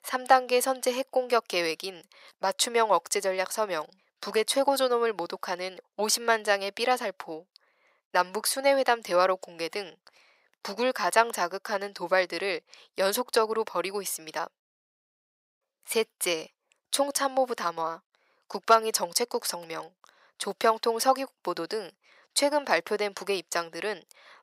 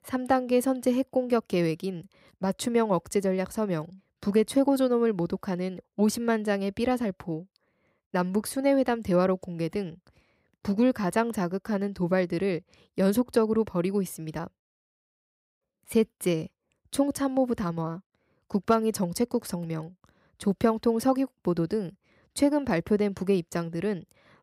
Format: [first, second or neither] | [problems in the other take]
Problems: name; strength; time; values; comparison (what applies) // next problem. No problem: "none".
second | thin; very; fading below 800 Hz